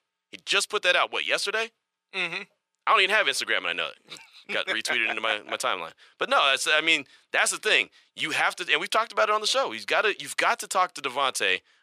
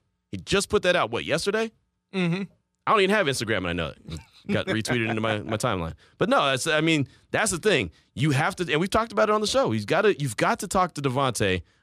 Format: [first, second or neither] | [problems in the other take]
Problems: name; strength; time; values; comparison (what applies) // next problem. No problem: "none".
second | thin; very; fading below 600 Hz